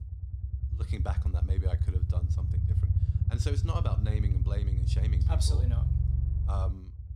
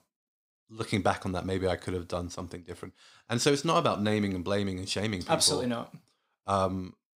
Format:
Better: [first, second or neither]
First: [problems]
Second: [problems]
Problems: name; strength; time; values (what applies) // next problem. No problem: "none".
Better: second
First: low rumble; loud; throughout; 2 dB below the speech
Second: none